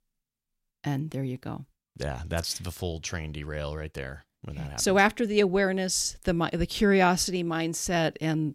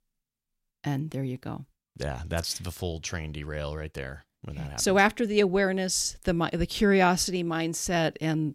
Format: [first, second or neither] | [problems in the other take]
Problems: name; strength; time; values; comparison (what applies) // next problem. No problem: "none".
neither | none